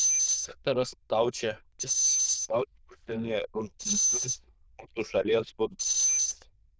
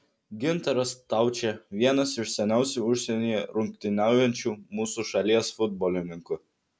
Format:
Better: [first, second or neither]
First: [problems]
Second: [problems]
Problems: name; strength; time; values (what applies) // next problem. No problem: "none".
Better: second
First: noise reduction (neural diffusion model UNIVERSE++)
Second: none